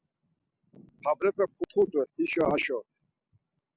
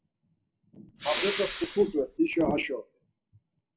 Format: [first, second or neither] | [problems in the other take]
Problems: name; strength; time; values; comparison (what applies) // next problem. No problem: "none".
first | background sound (Respiratory sounds); 5 dB below the speech // room echo; dies away in 0.1 s